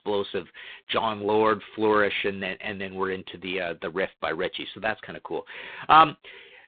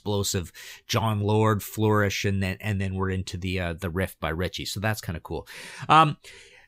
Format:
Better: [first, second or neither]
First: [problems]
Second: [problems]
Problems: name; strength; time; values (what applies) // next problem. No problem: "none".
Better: second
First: phone-call audio; poor line; nothing above 3.5 kHz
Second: none